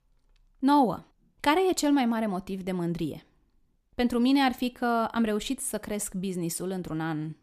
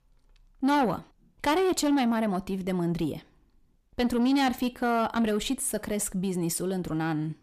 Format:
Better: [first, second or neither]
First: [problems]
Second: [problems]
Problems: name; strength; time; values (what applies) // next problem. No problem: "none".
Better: first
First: none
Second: distortion; slight; 10 dB below the speech